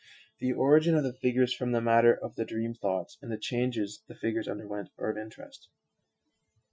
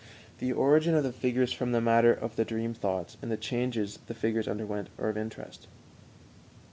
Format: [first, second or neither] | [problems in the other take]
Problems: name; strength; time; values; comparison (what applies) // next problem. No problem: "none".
second | noise reduction (classical method Wiener filter)